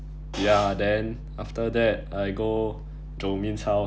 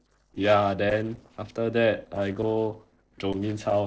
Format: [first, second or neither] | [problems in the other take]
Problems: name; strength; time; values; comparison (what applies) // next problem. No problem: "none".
first | noise reduction (neural separator model SepFormer DNS4)